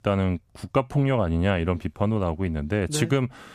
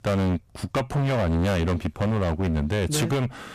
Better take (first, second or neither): first